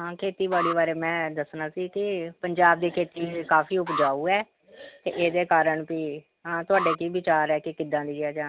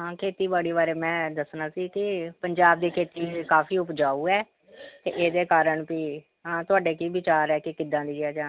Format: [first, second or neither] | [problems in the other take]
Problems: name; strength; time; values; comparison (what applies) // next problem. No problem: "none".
second | background sound (Alarm); 10 dB below the speech